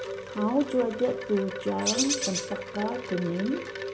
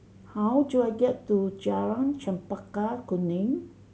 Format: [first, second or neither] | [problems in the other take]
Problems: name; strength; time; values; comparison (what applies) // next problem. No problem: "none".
second | background sound (Bird + Wind chime); 4 dB below the speech